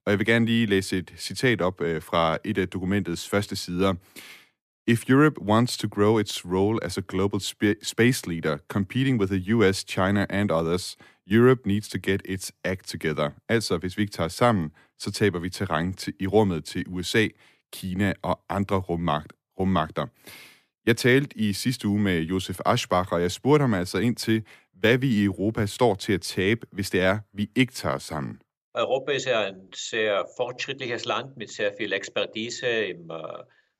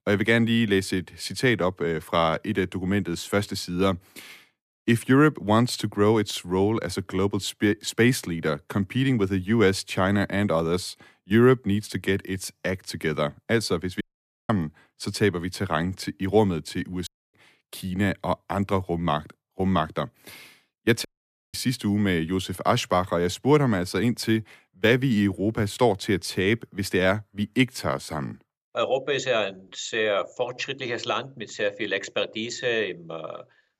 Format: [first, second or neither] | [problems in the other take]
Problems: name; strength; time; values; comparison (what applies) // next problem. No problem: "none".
first | audio cutting out; at 14 s, at 17 s and at 21 s